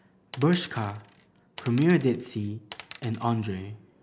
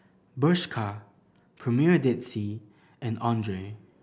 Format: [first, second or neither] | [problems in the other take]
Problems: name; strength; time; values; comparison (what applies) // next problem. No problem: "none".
second | background sound (Coin (dropping)); 20 dB below the speech